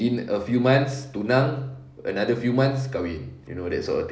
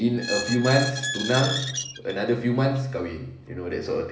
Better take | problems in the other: first | background sound (Squeak); 7 dB below the speech // room echo; dies away in 0.8 s

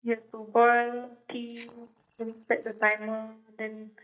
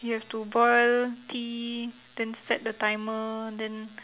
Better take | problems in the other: second | noise reduction (neural mask model DeepFilterNet 3)

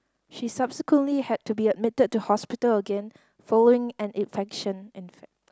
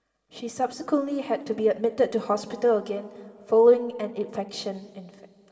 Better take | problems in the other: first | room echo; dies away in 1.8 s

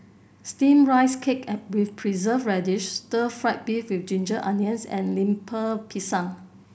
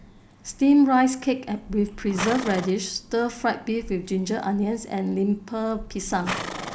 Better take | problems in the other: first | background sound (Livestock, farm animals, working animals); 13 dB below the speech

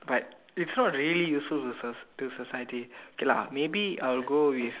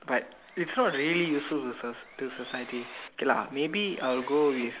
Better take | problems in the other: first | background sound (Sawing); 17 dB below the speech

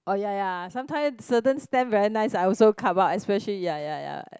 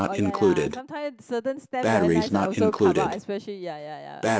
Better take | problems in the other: first | background sound (Breathing); 5 dB above the speech

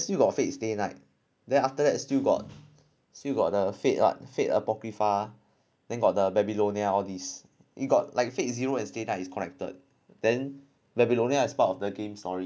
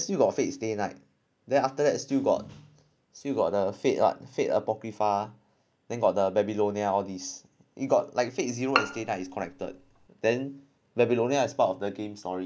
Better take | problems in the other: first | background sound (Bowed string instrument); 5 dB below the speech

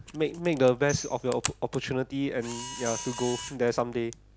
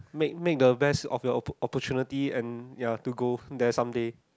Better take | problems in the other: second | background sound (Camera + Tambourine); 12 dB below the speech

